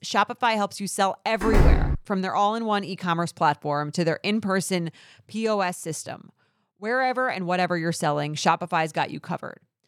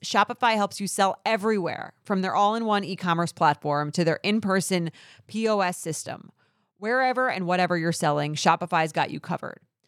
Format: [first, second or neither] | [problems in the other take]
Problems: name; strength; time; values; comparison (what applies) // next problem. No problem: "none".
second | door banging; loud; at 1.5 s; peak 4 dB above the speech